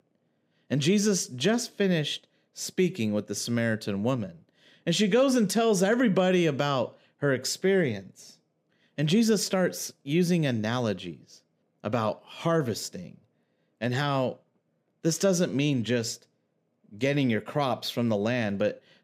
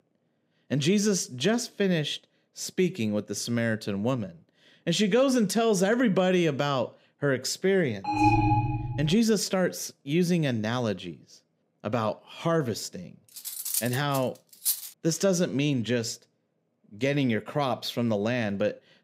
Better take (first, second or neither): first